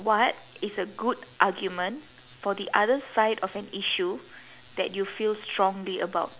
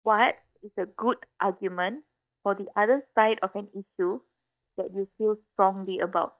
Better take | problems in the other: first | noise reduction (neural mask model DeepFilterNet 3)

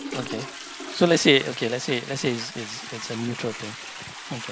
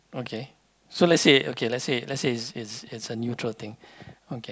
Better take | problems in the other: second | background sound (Toilet flush); 11 dB below the speech

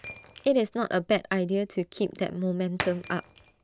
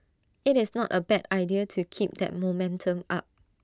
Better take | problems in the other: second | background sound (Shatter); 15 dB below the speech

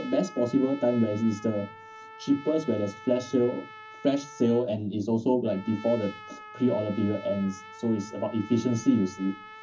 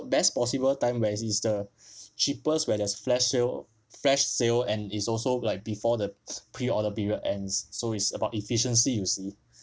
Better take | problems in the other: second | background sound (Trumpet); 18 dB below the speech // room echo; dies away in 0.4 s

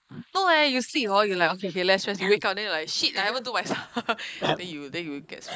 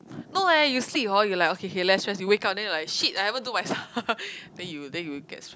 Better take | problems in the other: second | noise reduction (neural mask model Resemble Enhance denoiser)

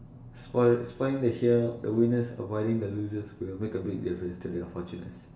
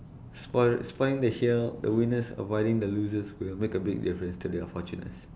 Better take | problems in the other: second | room echo; dies away in 0.6 s

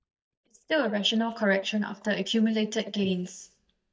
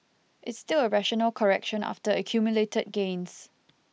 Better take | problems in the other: second | noise reduction (neural mask model DeepFilterNet 3)

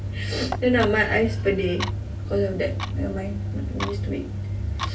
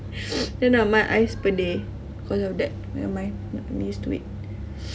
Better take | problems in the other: second | background sound (Clock); 14 dB below the speech // room echo; dies away in 0.3 s

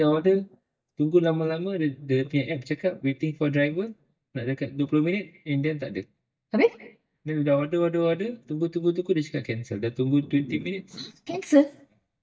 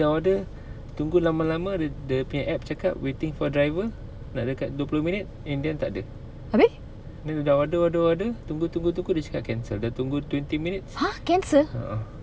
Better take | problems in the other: second | noise reduction (neural mask model DeepFilterNet 3)

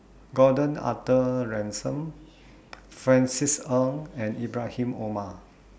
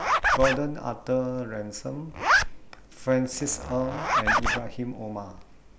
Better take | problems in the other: first | background sound (Zipper (clothing)); 2 dB above the speech

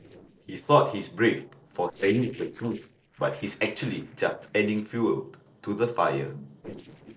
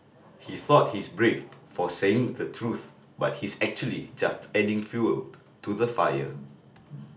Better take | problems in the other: second | noise reduction (neural separator model SepFormer DNS4)

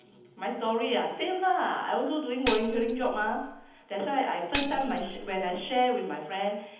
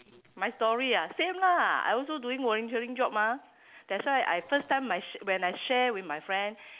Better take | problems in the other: second | background sound (Tambourine); 9 dB below the speech // room echo; dies away in 1.3 s

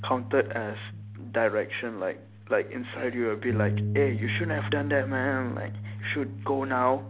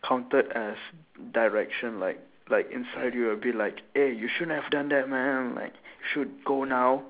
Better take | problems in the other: second | background sound (Bass guitar); 5 dB below the speech

